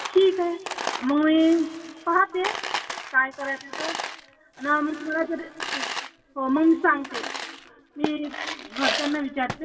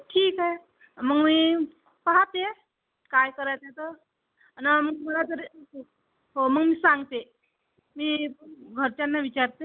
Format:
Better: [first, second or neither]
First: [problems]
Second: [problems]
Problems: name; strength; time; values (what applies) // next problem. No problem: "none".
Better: second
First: background sound (Coin (dropping)); 9 dB below the speech // room echo; dies away in 2.5 s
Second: none